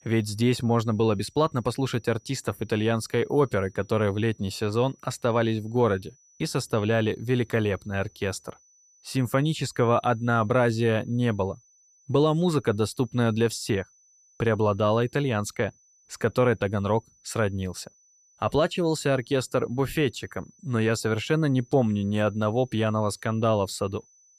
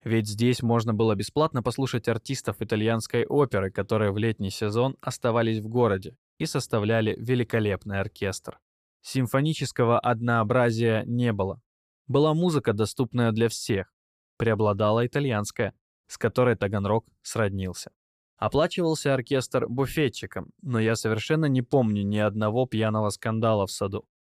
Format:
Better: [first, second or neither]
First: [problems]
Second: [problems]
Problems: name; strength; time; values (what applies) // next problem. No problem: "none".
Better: second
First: high-pitched whine; faint; throughout; 6 kHz, 30 dB below the speech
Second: none